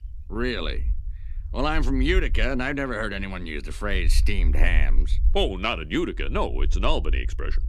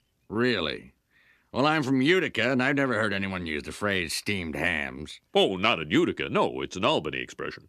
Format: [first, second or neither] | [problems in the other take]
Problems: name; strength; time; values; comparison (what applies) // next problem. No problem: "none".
second | low rumble; faint; throughout; 25 dB below the speech